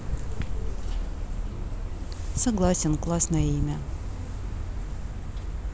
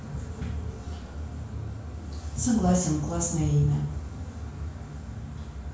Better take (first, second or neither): first